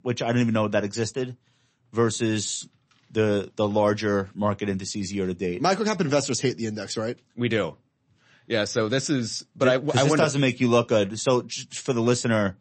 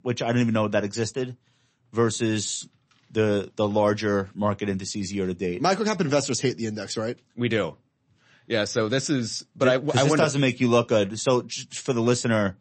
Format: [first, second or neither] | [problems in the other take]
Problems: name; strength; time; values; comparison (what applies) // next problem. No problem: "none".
neither | garbled, watery; slightly; nothing above 8 kHz; the same in both